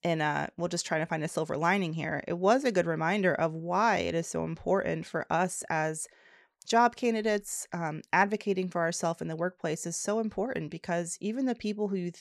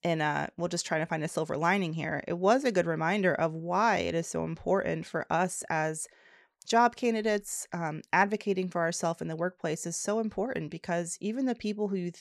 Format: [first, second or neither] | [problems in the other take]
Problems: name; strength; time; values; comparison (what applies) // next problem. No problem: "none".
neither | none